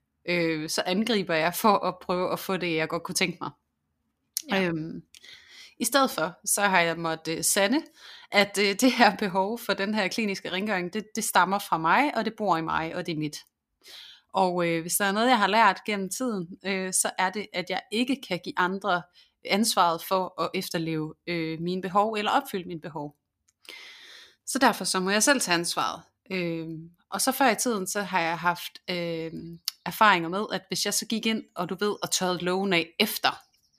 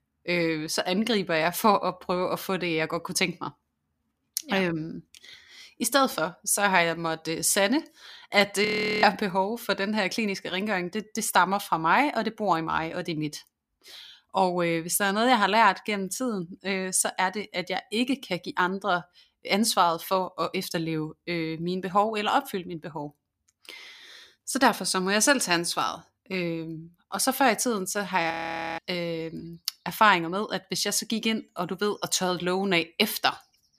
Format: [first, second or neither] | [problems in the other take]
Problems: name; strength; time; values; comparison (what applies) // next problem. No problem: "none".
first | audio freezing; at 8.5 s and at 28 s